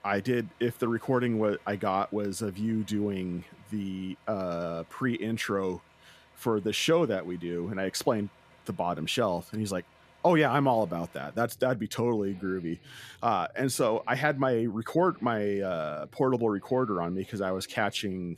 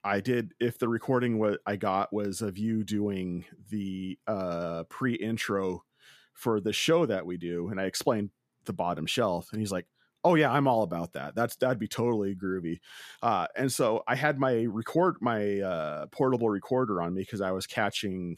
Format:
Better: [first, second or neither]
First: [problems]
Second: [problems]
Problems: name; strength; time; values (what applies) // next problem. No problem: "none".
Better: second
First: traffic noise; faint; throughout; 30 dB below the speech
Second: none